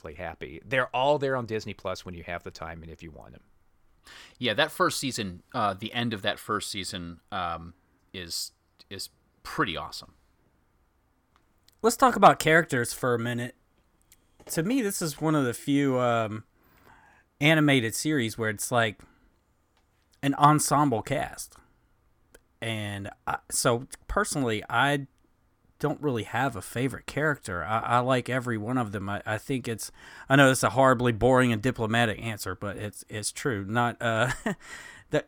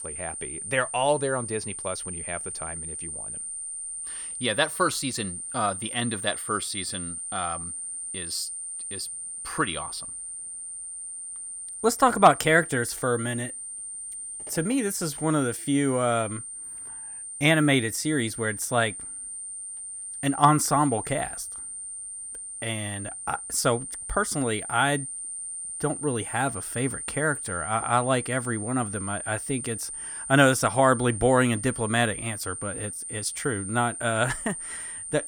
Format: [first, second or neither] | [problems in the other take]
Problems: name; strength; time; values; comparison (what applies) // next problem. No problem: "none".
first | high-pitched whine; loud; throughout; 9 kHz, 7 dB below the speech